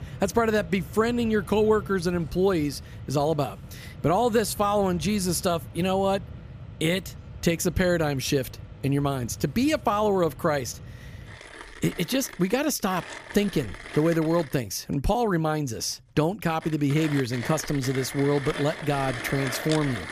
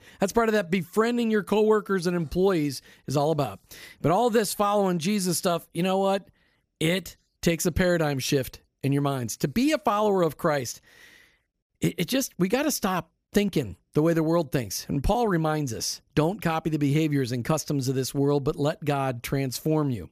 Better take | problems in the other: second | machinery noise; noticeable; throughout; 15 dB below the speech

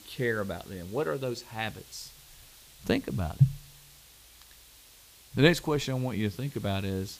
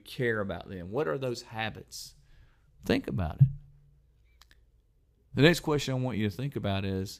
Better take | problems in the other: second | hiss; faint; throughout; 20 dB below the speech

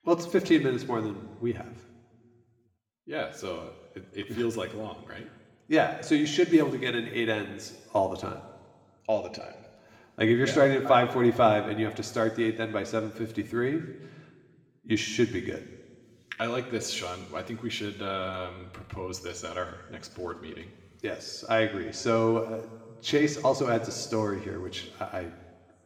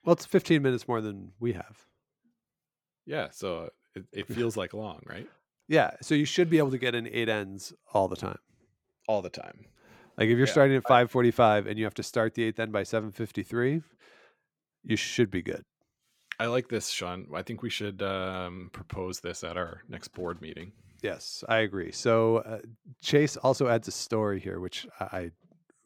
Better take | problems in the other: second | room echo; slight; dies away in 1.2 s // off-mic speech; somewhat distant

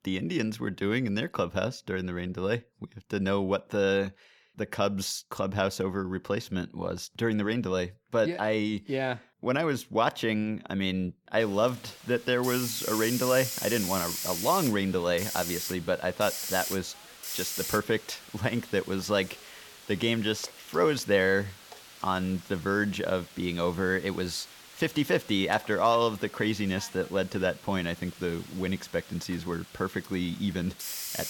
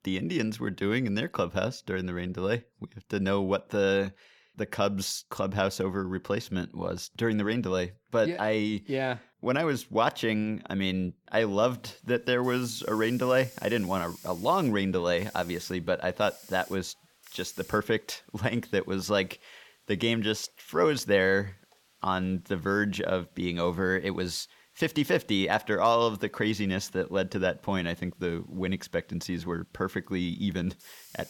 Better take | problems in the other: second | hiss; loud; from 11 s on; 7 dB below the speech; faint in the second

